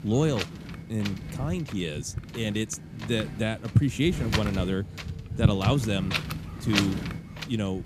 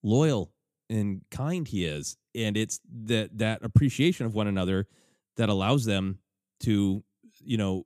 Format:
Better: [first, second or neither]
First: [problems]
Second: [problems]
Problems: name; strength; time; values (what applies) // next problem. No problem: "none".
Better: second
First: wind noise on the microphone; heavy; 3 dB below the speech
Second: none